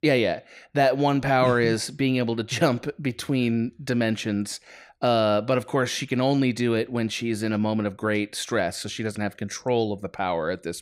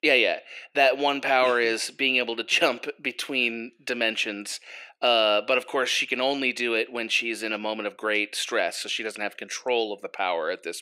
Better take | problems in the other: first | thin; somewhat; fading below 350 Hz

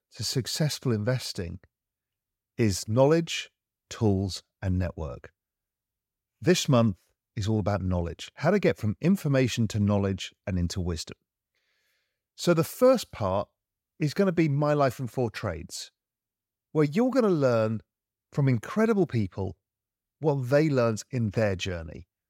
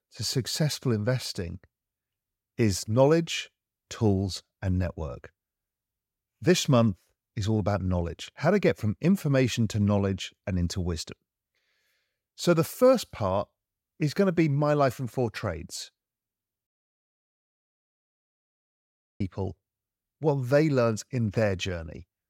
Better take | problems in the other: first | audio cutting out; at 17 s for 2.5 s

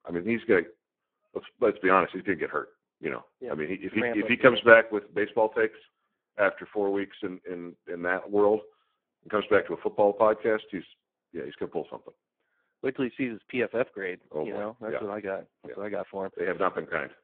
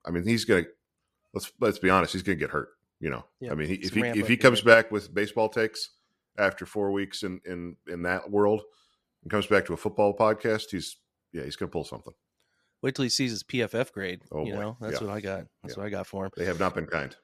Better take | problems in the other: second | phone-call audio; poor line

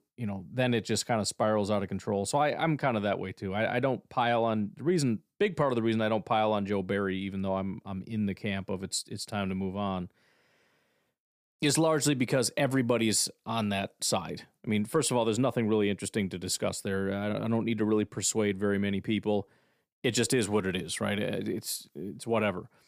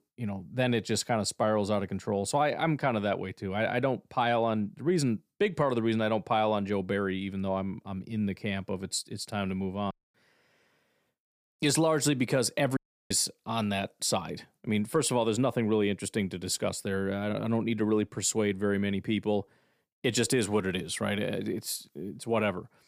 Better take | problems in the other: first | audio cutting out; at 10 s and at 13 s

